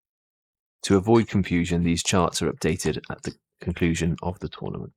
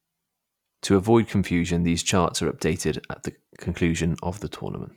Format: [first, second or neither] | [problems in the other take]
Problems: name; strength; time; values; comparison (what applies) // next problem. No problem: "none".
second | noise reduction (neural mask model Resemble Enhance denoiser)